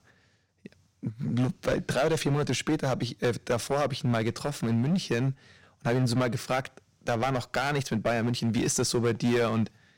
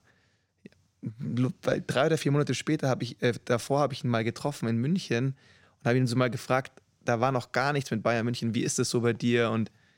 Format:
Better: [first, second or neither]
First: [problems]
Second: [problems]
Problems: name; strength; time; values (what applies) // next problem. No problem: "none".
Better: second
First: distortion; heavy; 8% of the sound clipped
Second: none